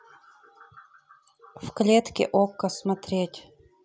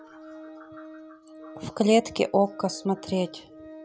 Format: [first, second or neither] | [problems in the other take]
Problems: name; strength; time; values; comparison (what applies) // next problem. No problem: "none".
first | background sound (Organ); 17 dB below the speech